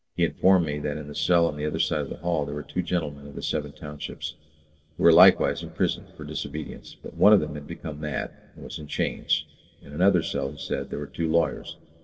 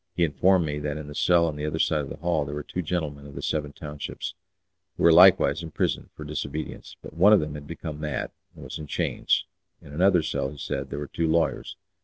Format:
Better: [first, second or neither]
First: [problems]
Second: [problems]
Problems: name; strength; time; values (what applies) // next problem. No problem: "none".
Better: second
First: room echo; dies away in 1.9 s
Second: none